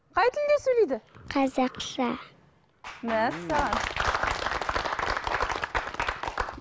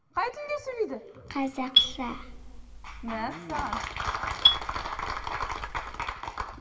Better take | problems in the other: first | background sound (Marimba, xylophone); 4 dB above the speech // room echo; dies away in 1.3 s

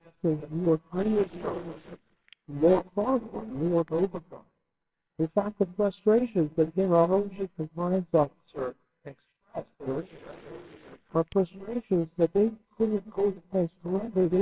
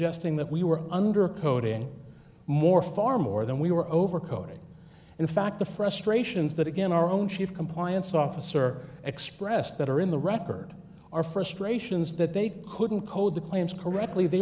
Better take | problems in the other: second | noise reduction (neural separator model SepFormer WHAMR!)

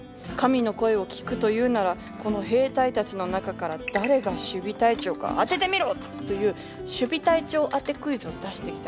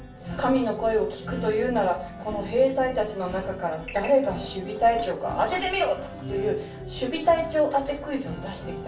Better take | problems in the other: first | room echo; dies away in 0.4 s

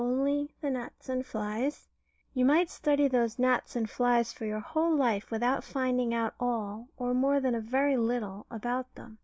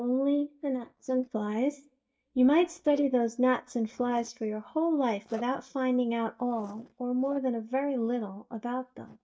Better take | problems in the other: first | noise reduction (neural mask model DeepFilterNet 3)

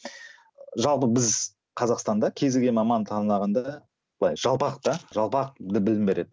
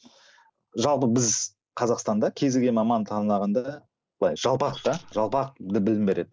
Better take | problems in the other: first | noise reduction (neural mask model Resemble Enhance denoiser)

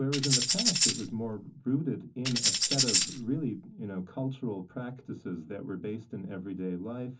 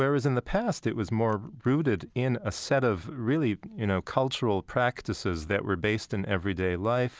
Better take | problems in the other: second | background sound (Tambourine); 5 dB above the speech // room echo; dies away in 0.3 s

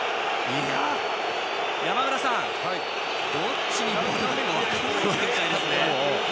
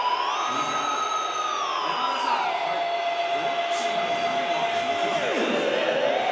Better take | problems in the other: first | background sound (Musical instrument); 3 dB above the speech // room echo; dies away in 0.3 s

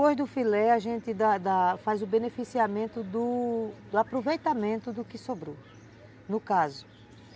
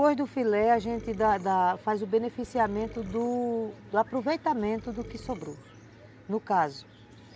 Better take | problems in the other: first | background sound (Burping, eructation); 18 dB below the speech

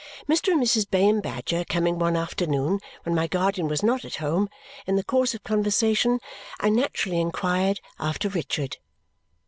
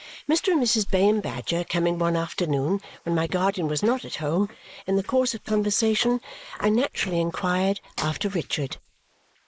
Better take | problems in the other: first | noise reduction (neural mask model Resemble Enhance denoiser)

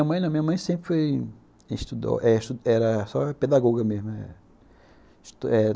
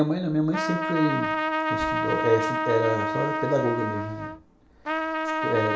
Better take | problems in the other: first | background sound (Trumpet); 1 dB below the speech // room echo; dies away in 0.4 s

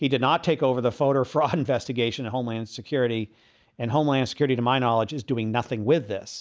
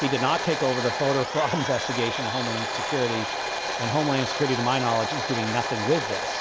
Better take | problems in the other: first | background sound (Domestic sounds, home sounds); 2 dB below the speech

